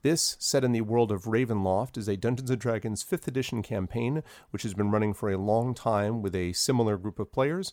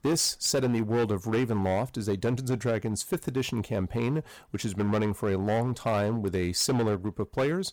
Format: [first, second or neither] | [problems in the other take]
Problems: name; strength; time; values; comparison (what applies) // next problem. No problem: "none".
first | distortion; slight; 10% of the sound clipped